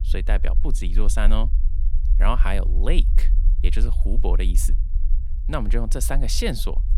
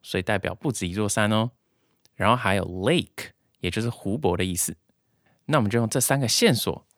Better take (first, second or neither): second